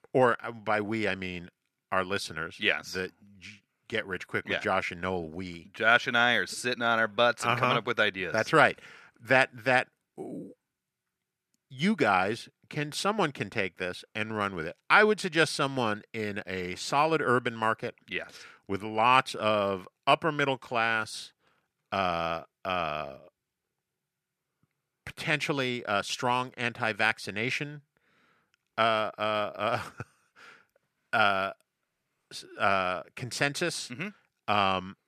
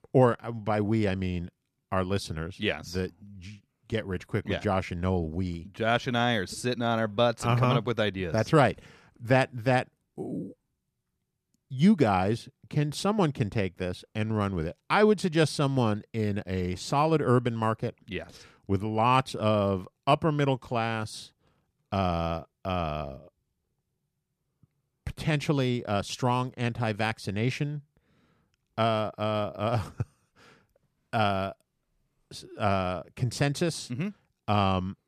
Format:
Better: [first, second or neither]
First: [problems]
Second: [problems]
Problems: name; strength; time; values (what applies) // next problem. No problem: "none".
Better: second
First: thin; somewhat; fading below 900 Hz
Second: none